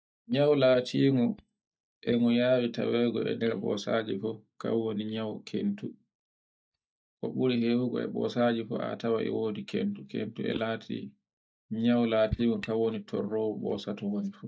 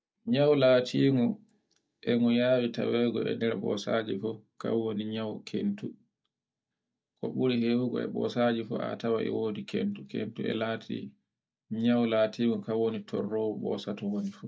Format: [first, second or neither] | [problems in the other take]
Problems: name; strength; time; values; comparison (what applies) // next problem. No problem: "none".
second | noise reduction (neural mask model DeepFilterNet 3)